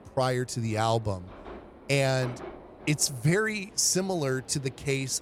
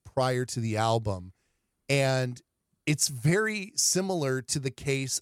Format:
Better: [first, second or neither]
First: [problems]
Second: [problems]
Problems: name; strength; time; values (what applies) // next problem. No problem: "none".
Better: second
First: train or aircraft noise; noticeable; throughout; 20 dB below the speech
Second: none